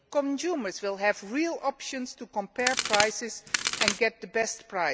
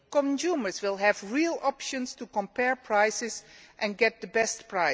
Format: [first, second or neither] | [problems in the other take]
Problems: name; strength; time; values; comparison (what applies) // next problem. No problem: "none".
second | background sound (Crack); 2 dB above the speech